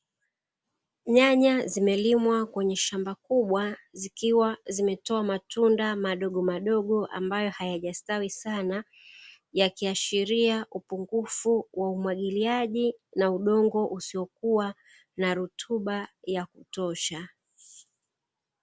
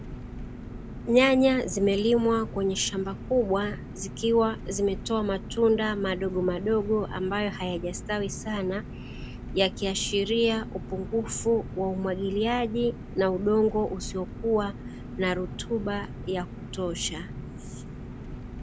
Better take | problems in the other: first | background sound (Engine); 10 dB below the speech

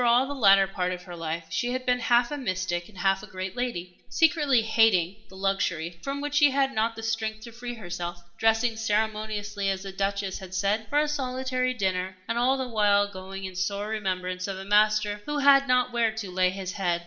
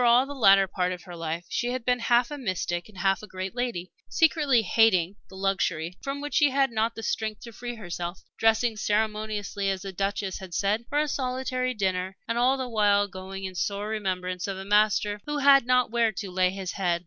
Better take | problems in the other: second | room echo; dies away in 0.5 s

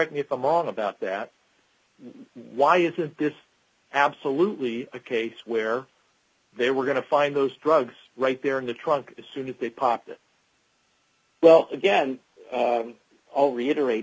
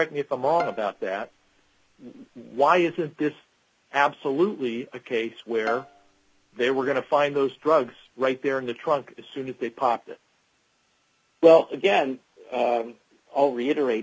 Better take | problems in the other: first | background sound (Bowed string instrument); 17 dB below the speech

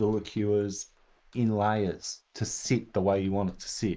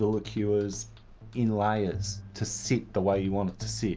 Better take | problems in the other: second | noise reduction (neural mask model Resemble Enhance denoiser)

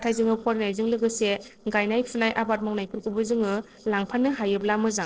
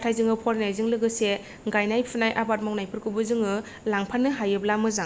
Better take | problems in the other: second | noise reduction (neural separator model SepFormer DNS4)

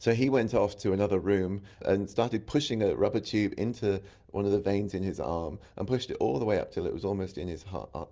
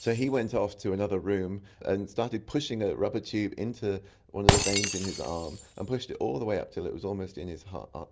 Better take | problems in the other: first | background sound (Shatter); 4 dB below the speech

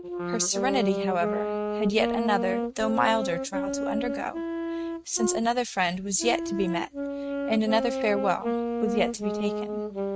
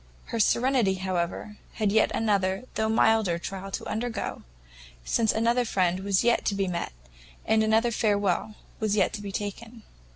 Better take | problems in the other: second | noise reduction (neural mask model RNNoise)

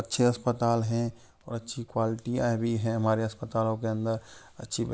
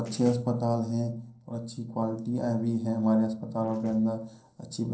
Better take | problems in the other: first | noise reduction (neural separator model SepFormer DNS4)

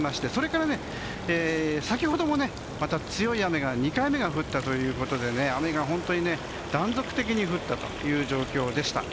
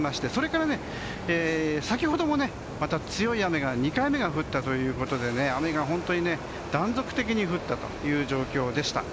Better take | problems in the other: second | background sound (Water tap, faucet); 18 dB below the speech

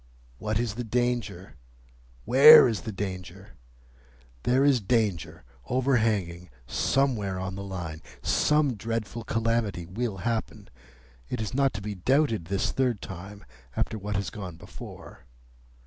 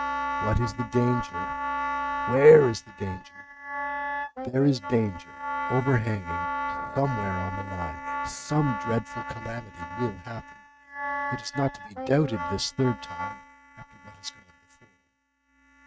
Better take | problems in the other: first | noise reduction (neural mask model RNNoise)

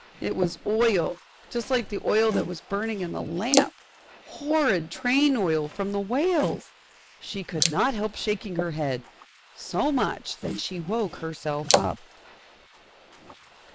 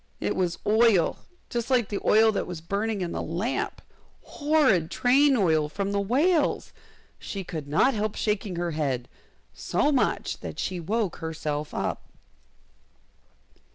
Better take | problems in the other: second | noise reduction (neural mask model Resemble Enhance denoiser)

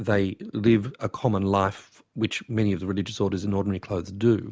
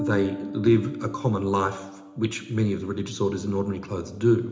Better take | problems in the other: first | background sound (Bass guitar); 12 dB below the speech // room echo; dies away in 0.8 s

